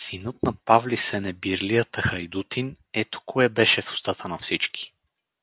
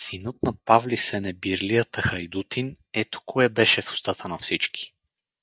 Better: first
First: none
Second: noise reduction (neural mask model DeepFilterNet 3)

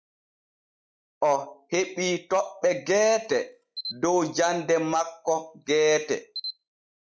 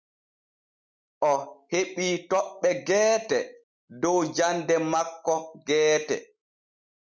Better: second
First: noise reduction (classical method log-MMSE)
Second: none

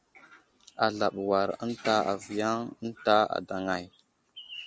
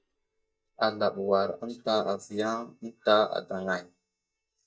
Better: first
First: none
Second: noise reduction (neural mask model DeepFilterNet 3)

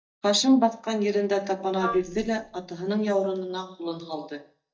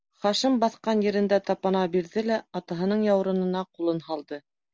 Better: second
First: noise reduction (neural mask model DeepFilterNet 3)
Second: none

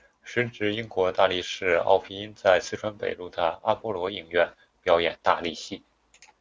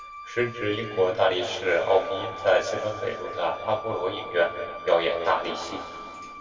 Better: first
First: none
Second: background sound (Wind instrument, woodwind instrument); 14 dB below the speech // room echo; dies away in 2.2 s

